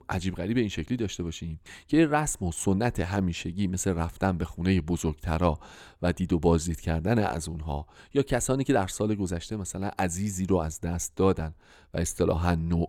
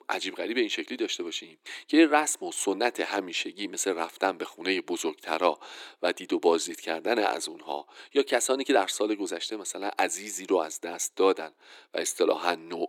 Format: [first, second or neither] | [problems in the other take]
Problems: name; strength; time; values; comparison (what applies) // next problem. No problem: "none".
first | thin; somewhat; fading below 300 Hz